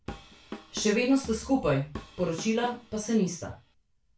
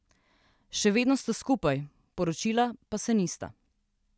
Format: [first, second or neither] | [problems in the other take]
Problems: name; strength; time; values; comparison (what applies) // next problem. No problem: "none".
second | background sound (Drum kit); 16 dB below the speech // room echo; dies away in 0.3 s